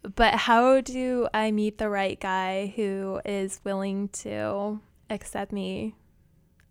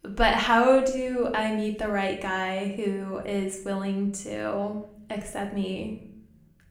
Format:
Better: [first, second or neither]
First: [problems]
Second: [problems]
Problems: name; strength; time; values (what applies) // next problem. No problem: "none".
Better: first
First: none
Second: room echo; slight; dies away in 0.5 s // off-mic speech; somewhat distant